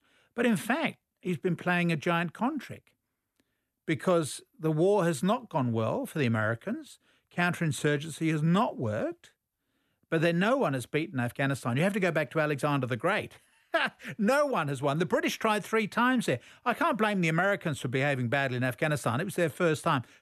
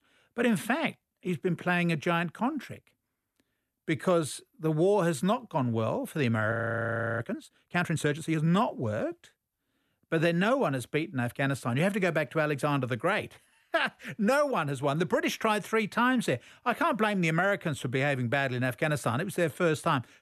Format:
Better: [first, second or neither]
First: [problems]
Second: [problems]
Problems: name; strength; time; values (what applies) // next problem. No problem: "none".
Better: first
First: none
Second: audio freezing; at 6.5 s for 0.5 s